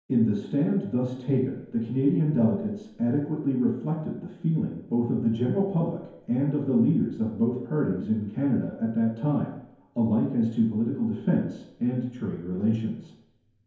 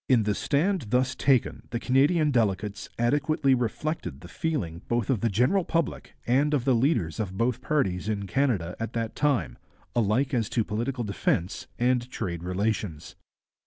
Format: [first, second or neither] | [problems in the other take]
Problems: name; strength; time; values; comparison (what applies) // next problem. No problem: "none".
second | room echo; dies away in 0.9 s